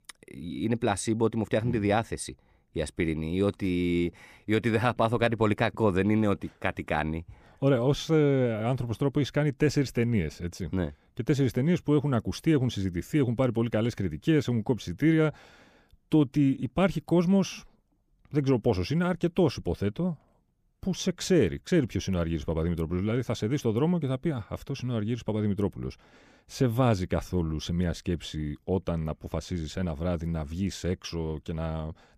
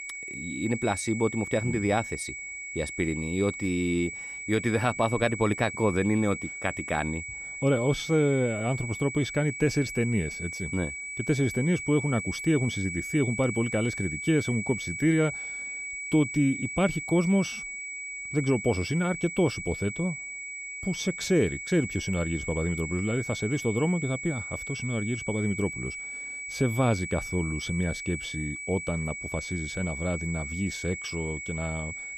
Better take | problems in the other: first | high-pitched whine; loud; throughout; 2.5 kHz, 6 dB below the speech

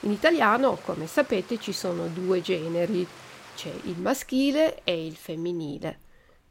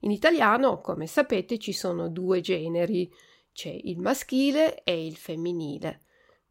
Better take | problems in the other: second | rain or running water; noticeable; throughout; 20 dB below the speech

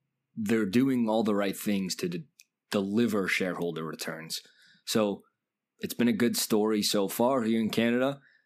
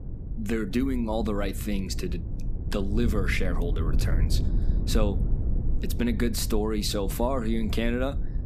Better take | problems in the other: first | low rumble; noticeable; throughout; 15 dB below the speech

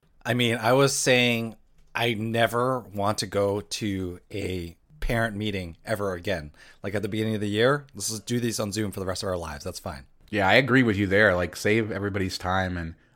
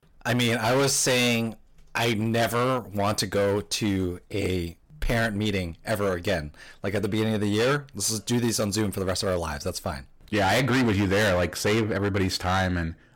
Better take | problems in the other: first | distortion; heavy; 15% of the sound clipped

